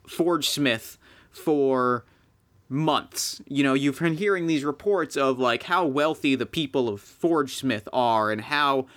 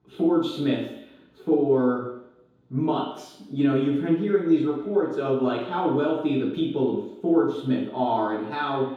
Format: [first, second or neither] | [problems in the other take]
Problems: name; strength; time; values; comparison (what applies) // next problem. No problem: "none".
first | room echo; noticeable; dies away in 1.9 s // off-mic speech; far